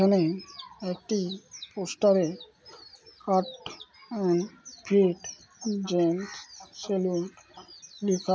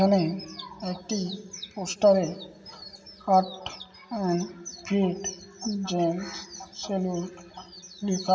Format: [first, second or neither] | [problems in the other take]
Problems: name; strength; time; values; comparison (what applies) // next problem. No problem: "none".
first | room echo; dies away in 2.4 s